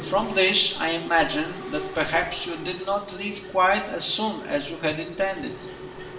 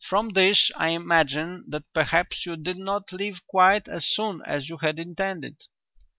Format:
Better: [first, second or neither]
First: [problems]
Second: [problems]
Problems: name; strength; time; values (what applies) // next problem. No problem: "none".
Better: second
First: background sound (Mechanisms); 13 dB below the speech // room echo; dies away in 0.8 s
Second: none